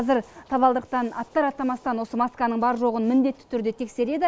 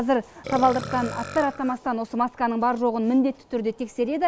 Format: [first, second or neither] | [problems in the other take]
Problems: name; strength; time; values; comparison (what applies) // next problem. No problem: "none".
first | background sound (Burping, eructation); 13 dB below the speech